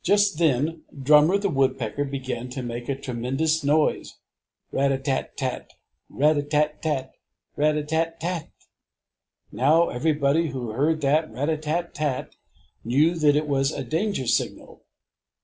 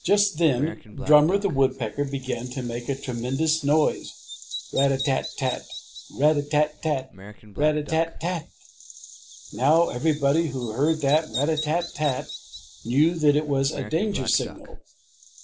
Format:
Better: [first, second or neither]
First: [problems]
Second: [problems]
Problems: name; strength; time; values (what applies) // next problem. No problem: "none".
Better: first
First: none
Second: background sound (Bird vocalization, bird call, bird song); 14 dB below the speech